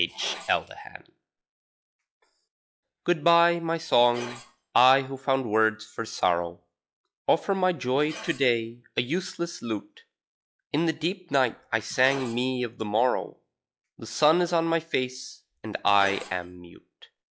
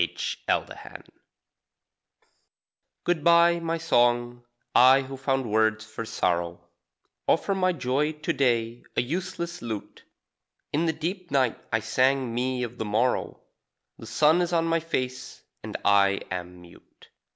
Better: second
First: noise reduction (classical method log-MMSE)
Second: none

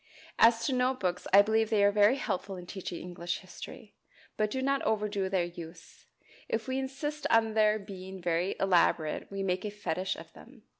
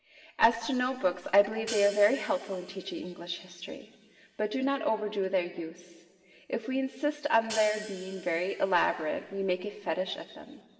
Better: first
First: none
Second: background sound (Hi-hat); 17 dB below the speech // room echo; dies away in 2.8 s

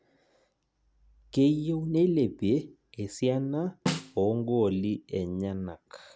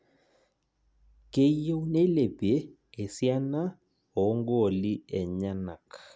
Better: second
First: background sound (Snare drum); 6 dB below the speech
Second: none

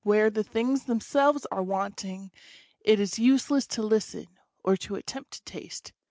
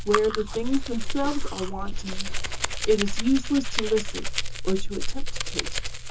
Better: first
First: none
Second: background sound (Domestic sounds, home sounds); 2 dB above the speech // room echo; dies away in 0.2 s

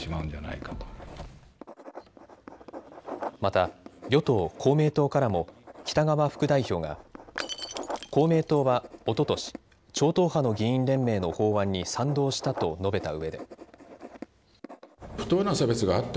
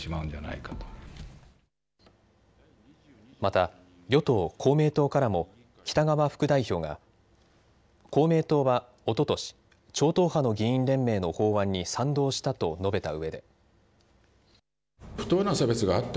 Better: second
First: background sound (Shatter / Crushing + Writing); 15 dB below the speech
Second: none

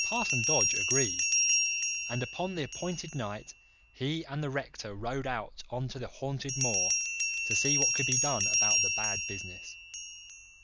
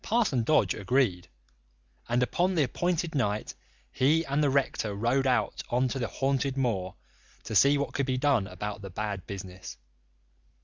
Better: second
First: background sound (Bell); 4 dB above the speech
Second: none

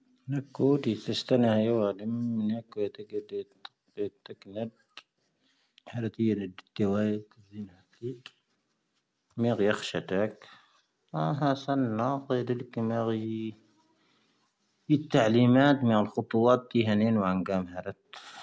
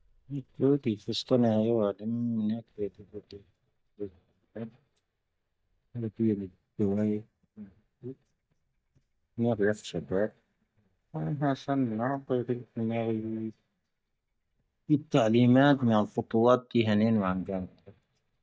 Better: first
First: none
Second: noise reduction (neural mask model DeepFilterNet 3)

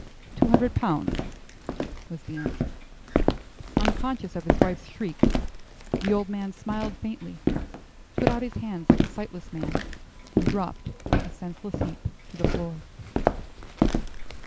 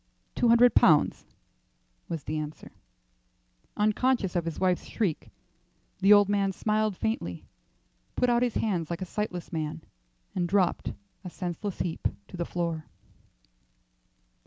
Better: second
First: background sound (Walk, footsteps); 5 dB above the speech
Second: none

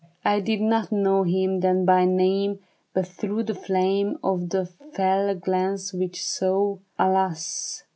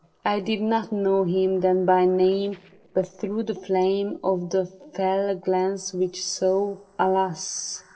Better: first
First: none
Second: noise reduction (neural separator model SepFormer DNS4)

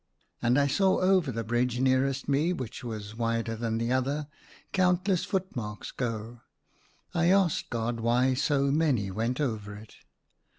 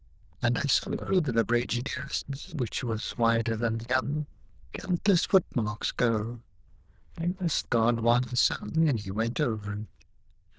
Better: first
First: none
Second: noise reduction (neural diffusion model UNIVERSE++)

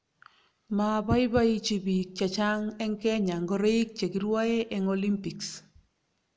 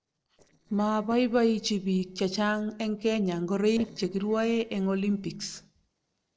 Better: first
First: none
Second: noise reduction (neural separator model SepFormer DNS4)

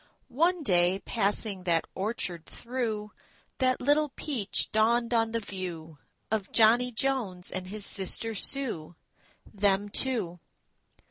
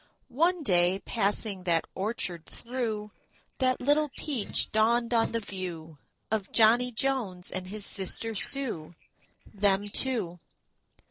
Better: first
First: none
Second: noise reduction (neural separator model SepFormer DNS4)

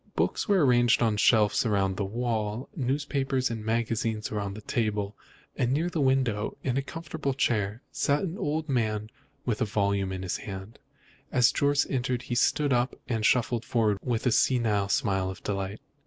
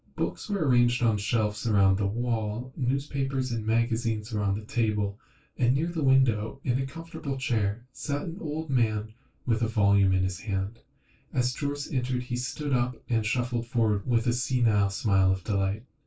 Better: first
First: none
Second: room echo; dies away in 0.2 s

